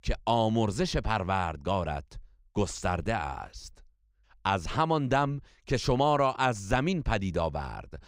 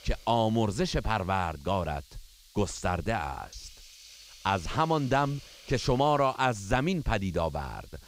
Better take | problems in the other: first | hiss; faint; throughout; 20 dB below the speech

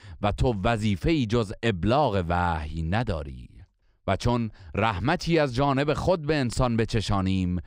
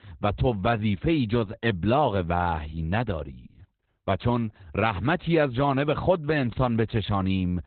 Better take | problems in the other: first | garbled, watery; badly; nothing above 4 kHz

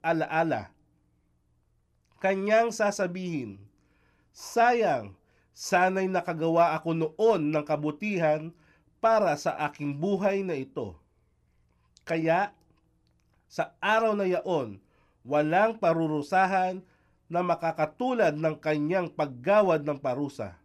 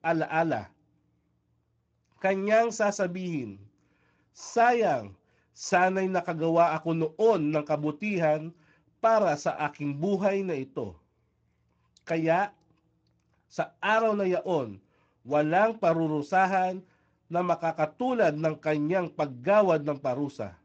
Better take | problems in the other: first | garbled, watery; slightly

